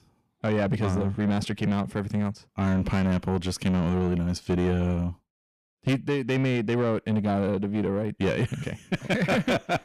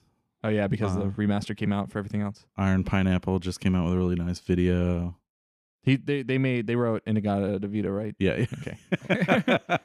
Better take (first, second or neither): second